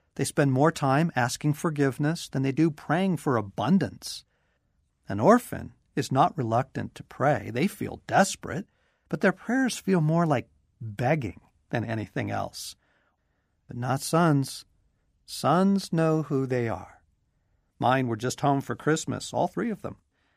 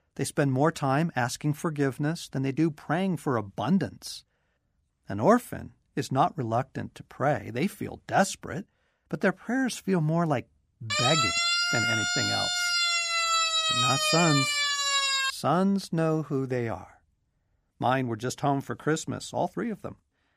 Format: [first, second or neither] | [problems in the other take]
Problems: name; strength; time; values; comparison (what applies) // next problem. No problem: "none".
first | siren; loud; from 11 to 15 s; peak 6 dB above the speech